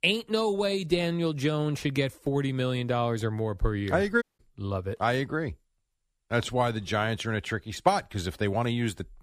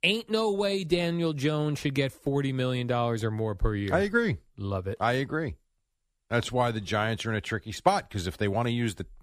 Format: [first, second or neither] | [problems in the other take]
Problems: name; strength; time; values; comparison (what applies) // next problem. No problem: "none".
second | audio cutting out; at 4 s